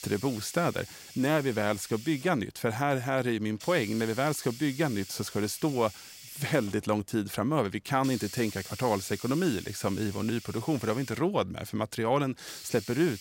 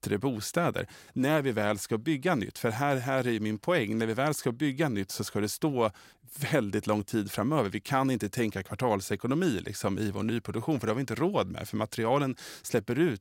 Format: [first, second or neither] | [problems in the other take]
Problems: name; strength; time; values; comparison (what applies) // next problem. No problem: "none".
second | hiss; noticeable; throughout; 15 dB below the speech